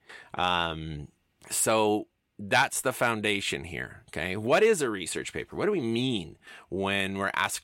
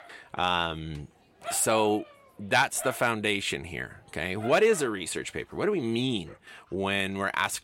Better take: first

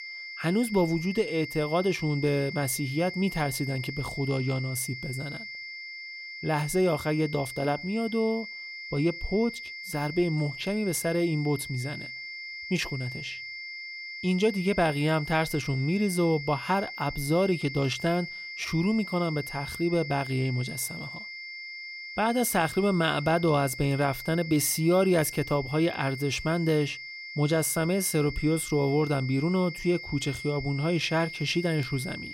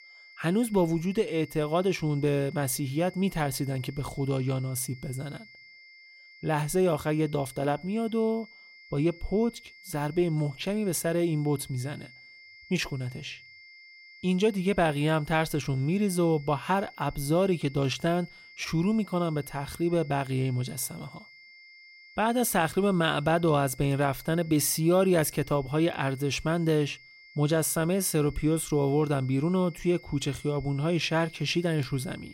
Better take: second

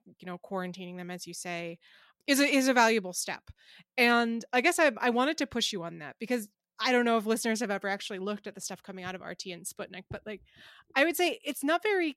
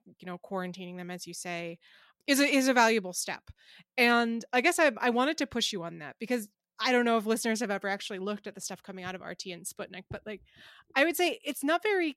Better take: neither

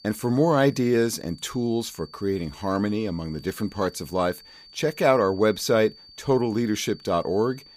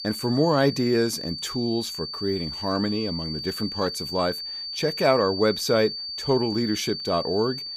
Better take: first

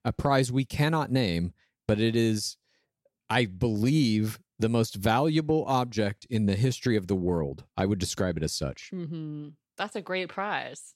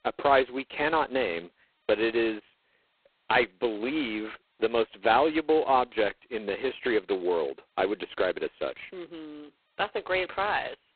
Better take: first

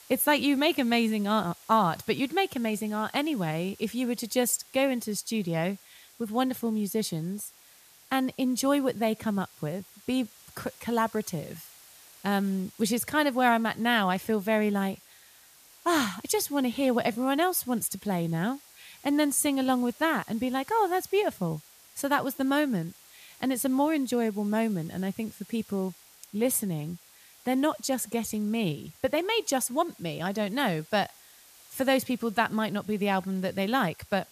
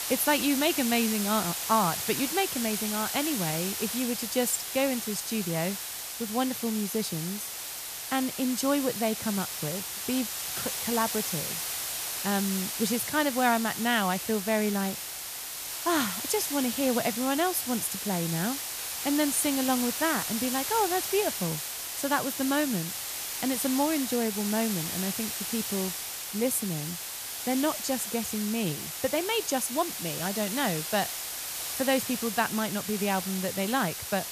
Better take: first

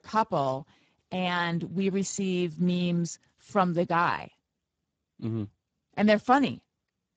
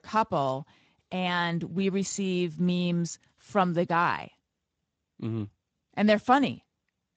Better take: second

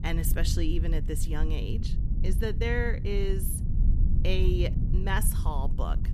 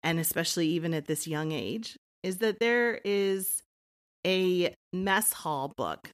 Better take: second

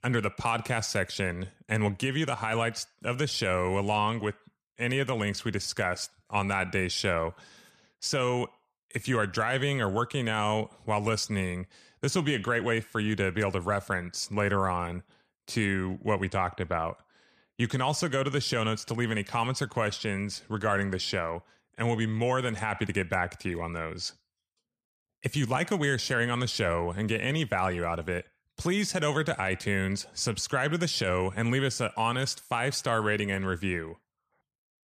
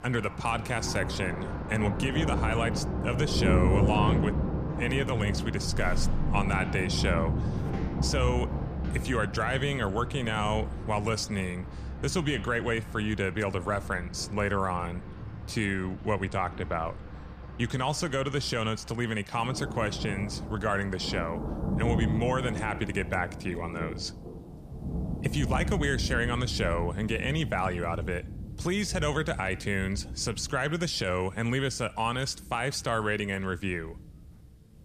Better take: first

